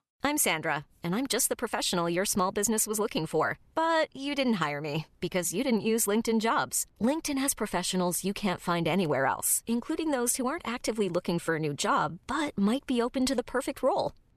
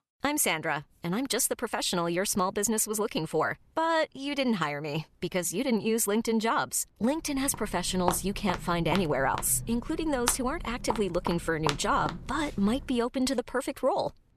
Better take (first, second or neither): first